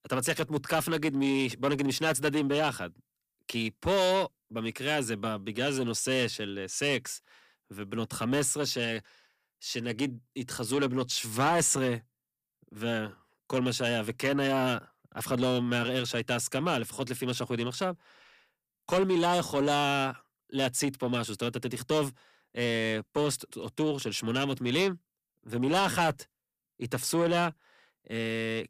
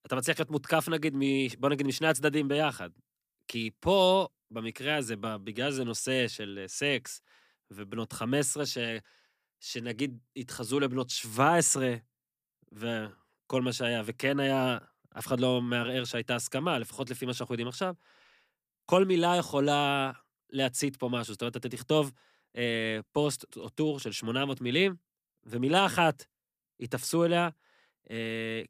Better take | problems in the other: second | distortion; slight; 10 dB below the speech

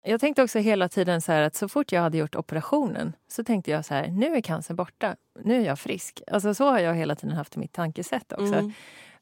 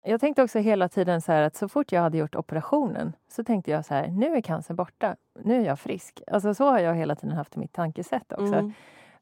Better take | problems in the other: first | muffled; slightly; fading above 2 kHz

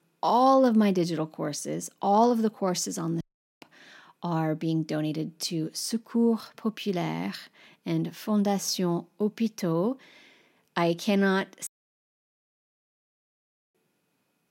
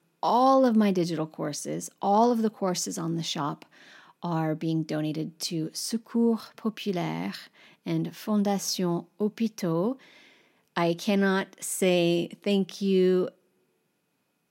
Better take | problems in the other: second | audio cutting out; at 3 s and at 12 s for 2 s

